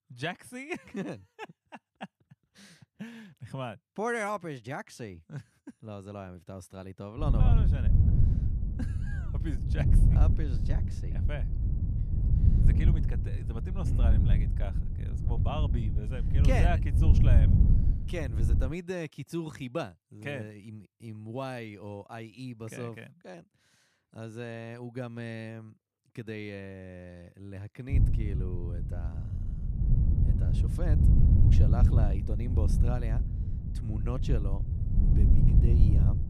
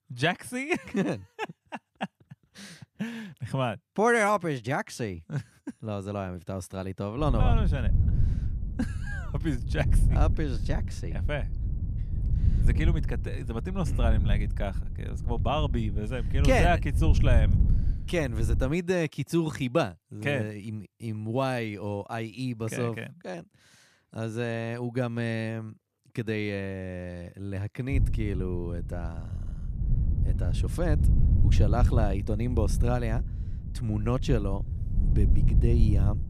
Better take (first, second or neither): second